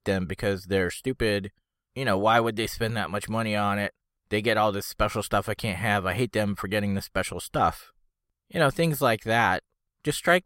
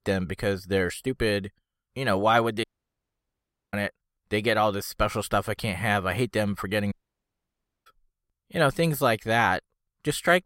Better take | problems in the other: first | audio cutting out; at 2.5 s for 1 s and at 7 s for 1 s

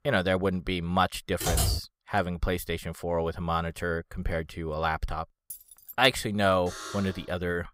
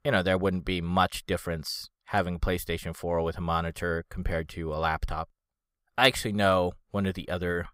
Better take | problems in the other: second | keyboard typing; loud; at 1.5 s; peak 2 dB above the speech // jangling keys; faint; at 5.5 s; peak 15 dB below the speech // alarm; noticeable; at 6.5 s; peak 10 dB below the speech

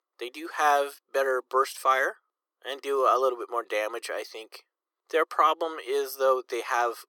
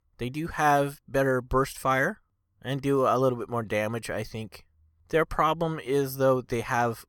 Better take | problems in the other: second | thin; very; fading below 350 Hz

